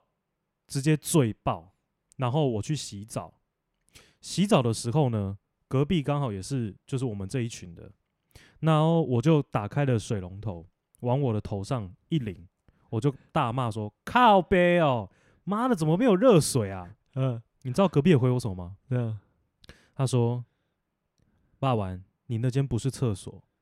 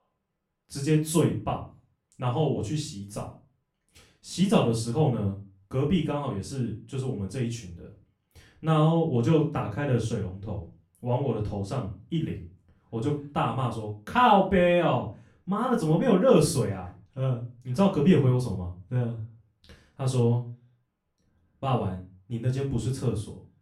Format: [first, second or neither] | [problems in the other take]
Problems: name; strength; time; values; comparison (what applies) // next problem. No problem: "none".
first | off-mic speech; far // room echo; slight; dies away in 0.3 s